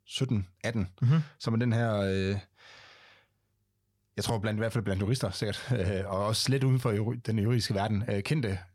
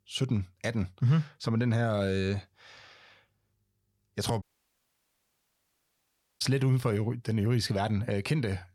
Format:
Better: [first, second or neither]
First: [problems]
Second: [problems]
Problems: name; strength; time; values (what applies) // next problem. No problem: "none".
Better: first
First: none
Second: audio cutting out; at 4.5 s for 2 s